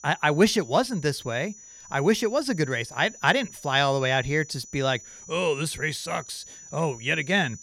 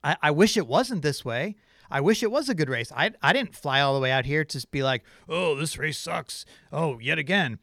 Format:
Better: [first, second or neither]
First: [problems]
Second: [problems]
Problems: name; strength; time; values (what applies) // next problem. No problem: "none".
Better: second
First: high-pitched whine; noticeable; throughout; 6 kHz, 20 dB below the speech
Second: none